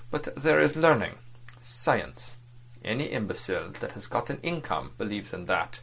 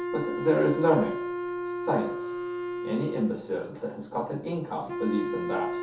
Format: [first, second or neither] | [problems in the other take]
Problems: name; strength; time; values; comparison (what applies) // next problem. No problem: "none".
first | background sound (Wind instrument, woodwind instrument); 4 dB below the speech // room echo; dies away in 0.5 s